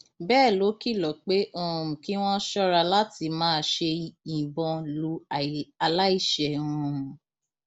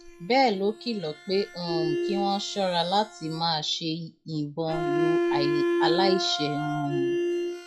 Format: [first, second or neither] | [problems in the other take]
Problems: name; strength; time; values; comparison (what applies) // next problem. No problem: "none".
first | noise reduction (classical method log-MMSE)